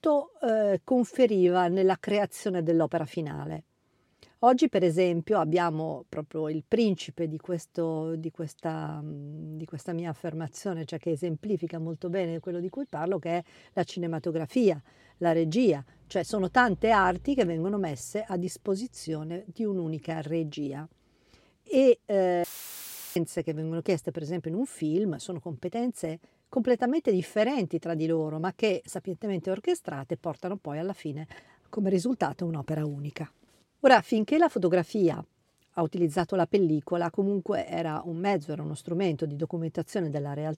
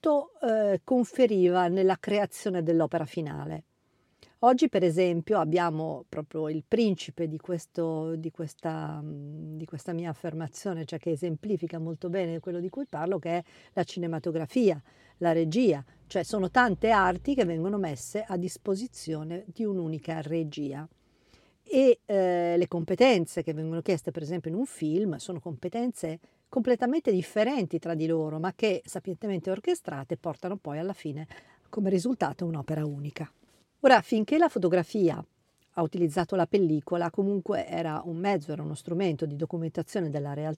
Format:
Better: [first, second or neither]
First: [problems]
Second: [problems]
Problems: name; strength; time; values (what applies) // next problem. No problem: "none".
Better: second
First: audio cutting out; filled with static; at 22 s for 0.5 s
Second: none